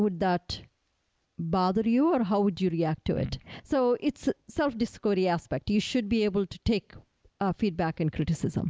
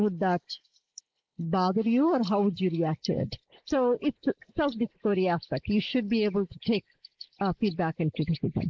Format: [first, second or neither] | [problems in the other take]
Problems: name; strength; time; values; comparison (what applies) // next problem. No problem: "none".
first | noise reduction (neural mask model Resemble Enhance denoiser)